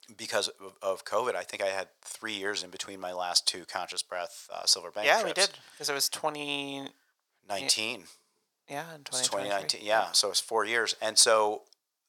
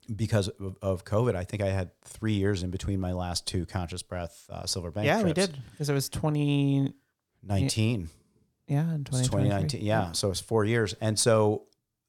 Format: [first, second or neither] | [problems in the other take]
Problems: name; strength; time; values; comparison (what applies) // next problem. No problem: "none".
second | thin; very; fading below 800 Hz